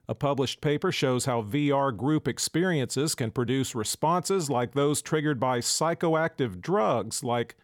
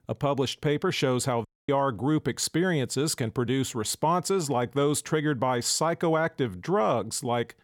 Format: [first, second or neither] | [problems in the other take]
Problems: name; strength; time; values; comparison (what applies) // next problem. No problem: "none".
first | audio cutting out; at 1.5 s